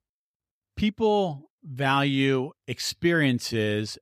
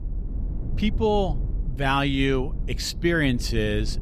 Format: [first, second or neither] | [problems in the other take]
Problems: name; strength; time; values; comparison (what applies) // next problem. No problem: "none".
first | low rumble; faint; throughout; 20 dB below the speech